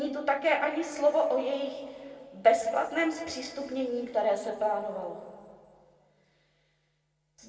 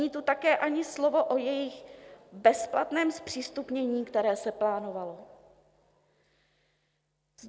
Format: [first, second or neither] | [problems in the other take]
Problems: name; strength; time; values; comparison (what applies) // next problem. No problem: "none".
second | room echo; dies away in 1.9 s